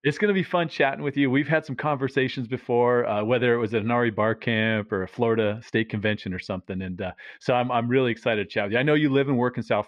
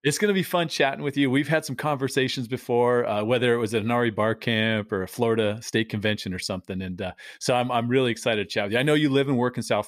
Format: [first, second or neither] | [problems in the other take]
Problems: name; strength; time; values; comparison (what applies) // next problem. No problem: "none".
second | muffled; slightly; fading above 2.5 kHz